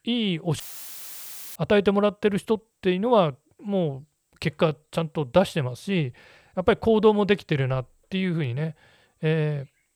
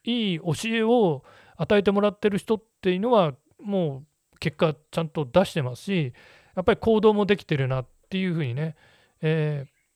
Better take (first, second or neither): second